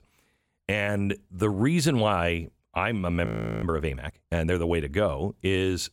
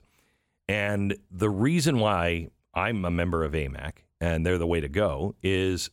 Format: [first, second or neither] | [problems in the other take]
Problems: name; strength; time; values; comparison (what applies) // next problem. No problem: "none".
second | audio freezing; at 3.5 s